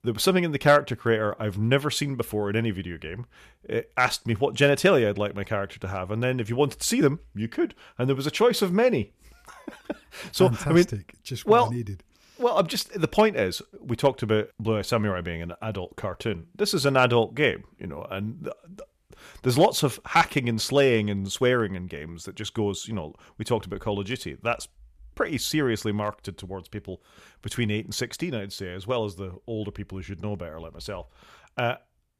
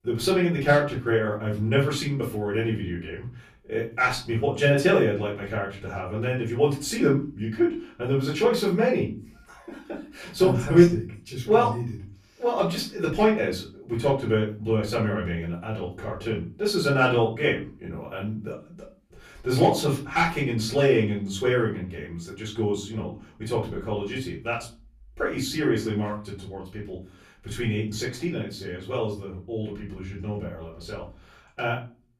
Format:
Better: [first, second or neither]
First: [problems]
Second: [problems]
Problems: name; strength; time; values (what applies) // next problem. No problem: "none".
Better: first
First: none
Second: off-mic speech; far // room echo; slight; dies away in 0.4 s